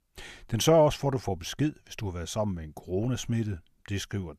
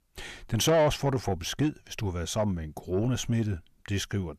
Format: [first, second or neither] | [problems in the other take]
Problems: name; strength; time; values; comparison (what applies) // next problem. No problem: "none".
first | distortion; slight; 10 dB below the speech